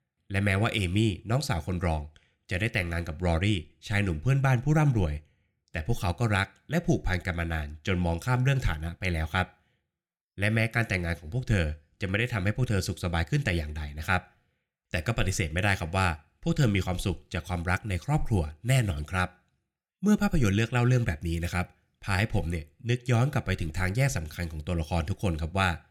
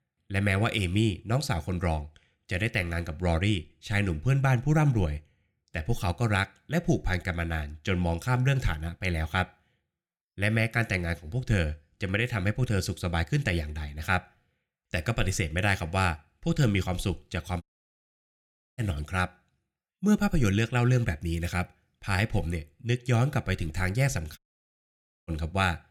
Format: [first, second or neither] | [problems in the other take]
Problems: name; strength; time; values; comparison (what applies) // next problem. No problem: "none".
first | audio cutting out; at 18 s for 1 s and at 24 s for 1 s